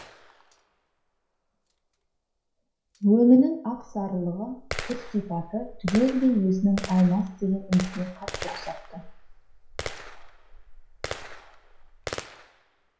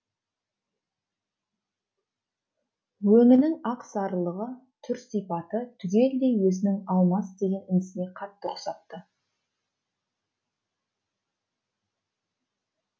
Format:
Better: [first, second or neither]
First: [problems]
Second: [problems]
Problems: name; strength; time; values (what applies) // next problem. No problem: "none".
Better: second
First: background sound (Gunshot, gunfire); 13 dB below the speech // room echo; dies away in 0.5 s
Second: none